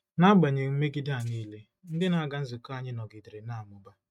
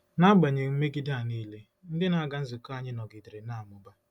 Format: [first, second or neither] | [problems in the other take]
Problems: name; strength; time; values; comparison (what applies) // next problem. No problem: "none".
second | noise reduction (neural mask model RNNoise)